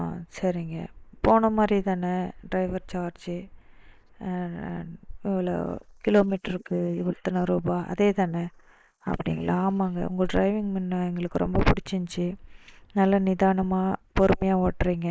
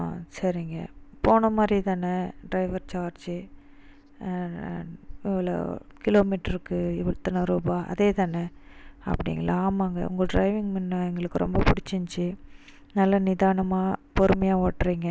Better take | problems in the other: second | noise reduction (neural mask model Resemble Enhance denoiser)

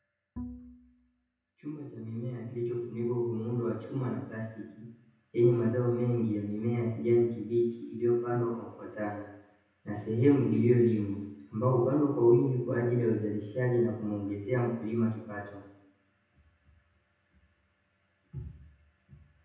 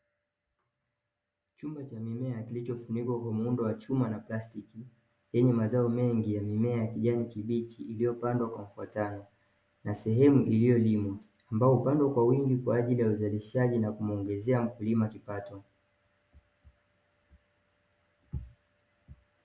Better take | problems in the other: second | background sound (Bowed string instrument); 16 dB below the speech // room echo; dies away in 0.8 s

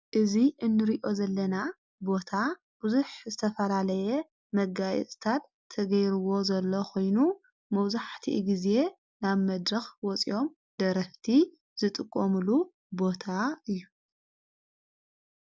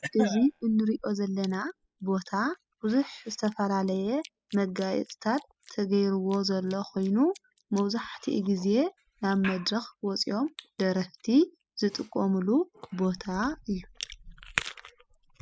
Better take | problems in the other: first | noise reduction (classical method spectral subtraction)

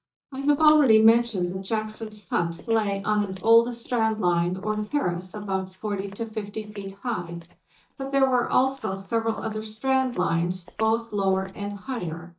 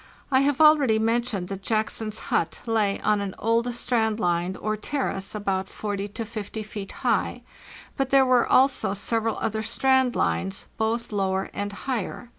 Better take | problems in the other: second | noise reduction (neural mask model DeepFilterNet 3)

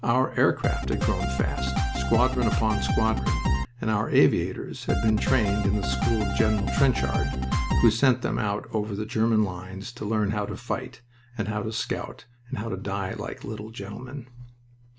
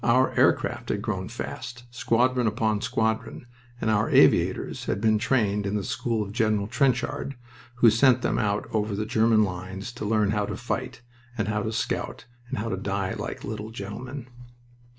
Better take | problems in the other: second | background sound (Drum kit); 1 dB above the speech

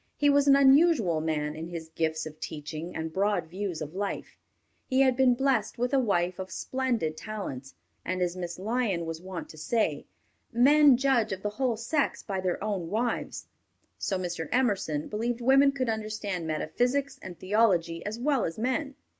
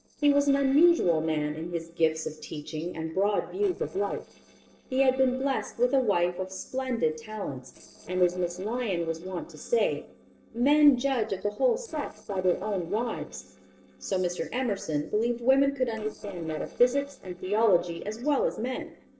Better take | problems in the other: first | noise reduction (neural separator model SepFormer DNS4)

